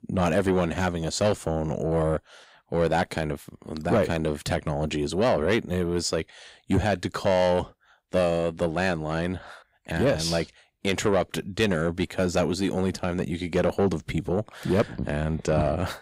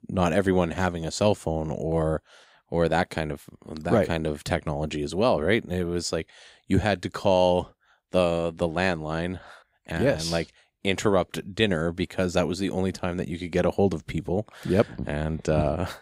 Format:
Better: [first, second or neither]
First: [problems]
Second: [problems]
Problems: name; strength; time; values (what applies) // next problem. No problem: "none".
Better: second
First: distortion; slight; 10 dB below the speech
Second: none